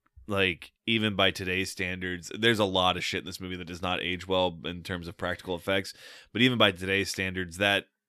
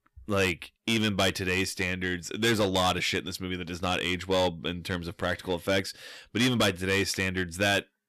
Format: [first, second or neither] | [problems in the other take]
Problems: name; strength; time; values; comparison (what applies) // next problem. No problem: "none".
first | distortion; heavy; 6% of the sound clipped